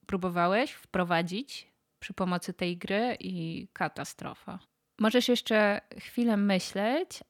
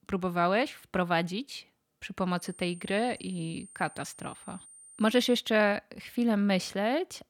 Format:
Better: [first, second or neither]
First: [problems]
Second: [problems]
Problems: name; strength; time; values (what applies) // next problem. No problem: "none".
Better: first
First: none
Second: high-pitched whine; faint; from 2.5 to 5.5 s; 8.5 kHz, 20 dB below the speech